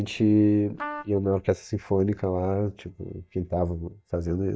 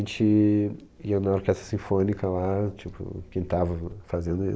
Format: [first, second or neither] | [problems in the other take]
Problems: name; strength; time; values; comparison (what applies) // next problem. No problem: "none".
second | noise reduction (neural mask model DeepFilterNet 3)